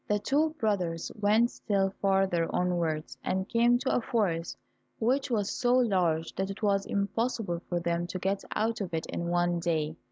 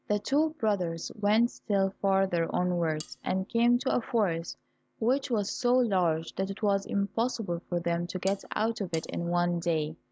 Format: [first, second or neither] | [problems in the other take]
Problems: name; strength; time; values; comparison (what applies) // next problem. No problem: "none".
first | background sound (Cutlery, silverware); 20 dB below the speech